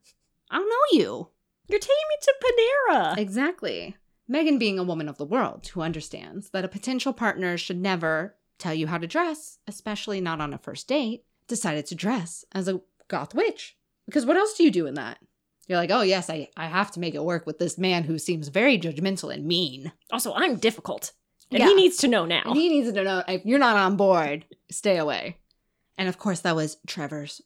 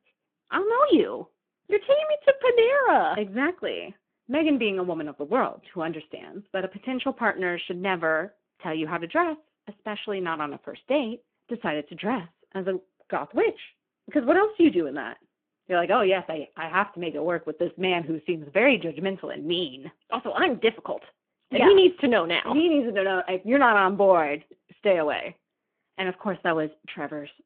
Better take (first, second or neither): first